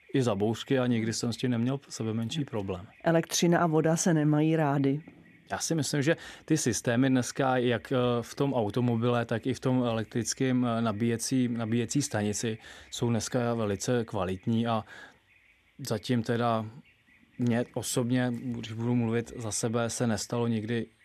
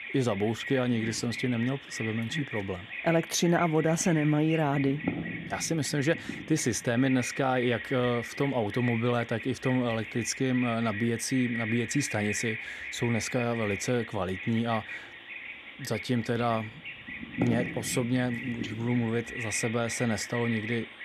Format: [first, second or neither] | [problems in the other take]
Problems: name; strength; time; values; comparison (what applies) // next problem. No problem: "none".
first | animal sounds; loud; throughout; 8 dB below the speech; faint in the first